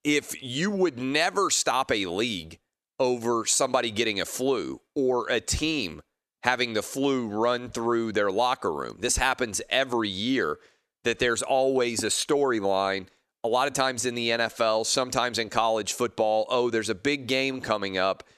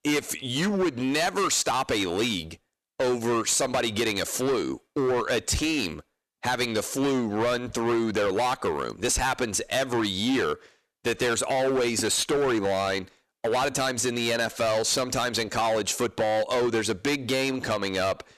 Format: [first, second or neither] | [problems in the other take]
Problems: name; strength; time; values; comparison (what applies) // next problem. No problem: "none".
first | distortion; heavy; 18% of the sound clipped